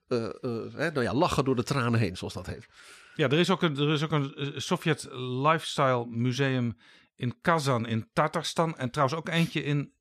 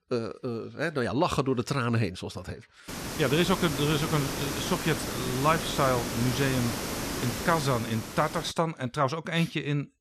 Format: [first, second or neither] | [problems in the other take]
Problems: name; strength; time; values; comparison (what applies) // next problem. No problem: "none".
first | hiss; loud; from 3 to 8.5 s; 4 dB below the speech